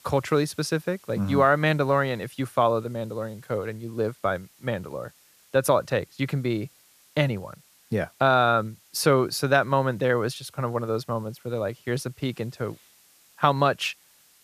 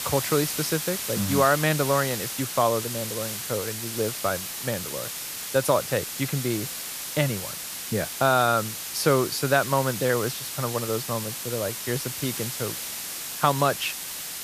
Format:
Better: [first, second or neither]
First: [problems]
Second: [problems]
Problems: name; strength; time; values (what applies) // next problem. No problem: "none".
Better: first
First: hiss; faint; throughout; 30 dB below the speech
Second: hiss; loud; throughout; 4 dB below the speech